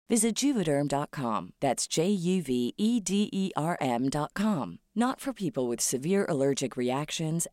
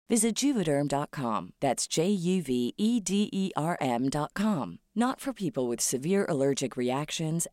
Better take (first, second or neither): neither